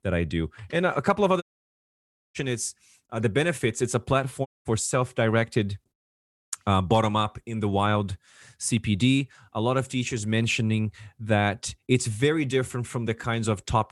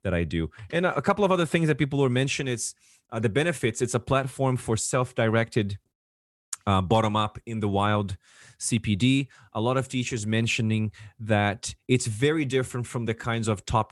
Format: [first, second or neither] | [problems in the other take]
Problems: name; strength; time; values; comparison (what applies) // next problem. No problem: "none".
second | audio cutting out; at 1.5 s for 1 s and at 4.5 s